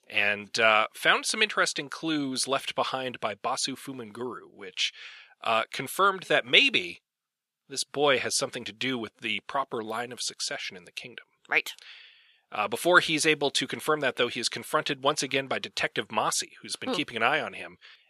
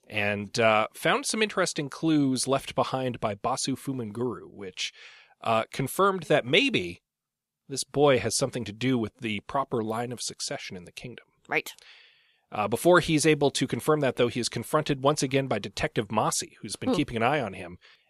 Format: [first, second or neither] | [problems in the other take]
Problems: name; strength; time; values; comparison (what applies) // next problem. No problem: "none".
second | thin; very slightly; fading below 400 Hz